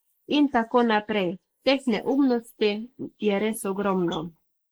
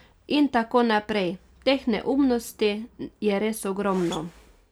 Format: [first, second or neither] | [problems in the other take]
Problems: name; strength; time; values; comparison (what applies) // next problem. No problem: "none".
second | noise reduction (neural mask model Resemble Enhance denoiser)